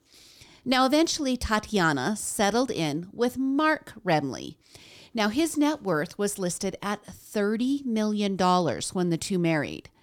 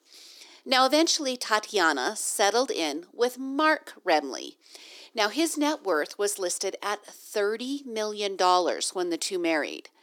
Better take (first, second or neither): first